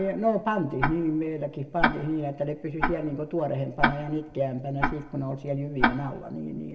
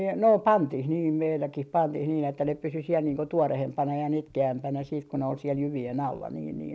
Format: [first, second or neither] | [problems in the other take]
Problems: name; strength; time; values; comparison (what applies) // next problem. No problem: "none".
second | background sound (Tick-tock); 2 dB below the speech // room echo; dies away in 0.9 s